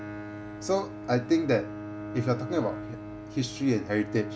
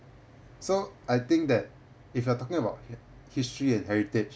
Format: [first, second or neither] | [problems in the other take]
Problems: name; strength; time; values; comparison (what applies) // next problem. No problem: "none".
second | background sound (Bowed string instrument); 9 dB below the speech